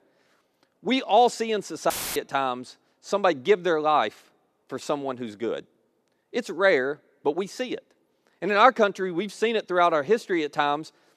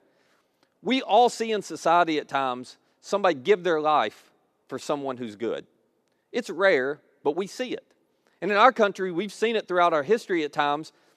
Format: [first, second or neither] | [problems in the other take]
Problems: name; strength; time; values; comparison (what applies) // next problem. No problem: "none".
second | audio cutting out; filled with static; at 2 s